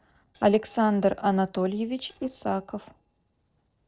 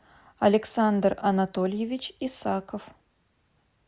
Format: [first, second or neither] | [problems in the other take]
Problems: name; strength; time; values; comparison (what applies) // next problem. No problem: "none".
second | noise reduction (neural separator model SepFormer DNS4)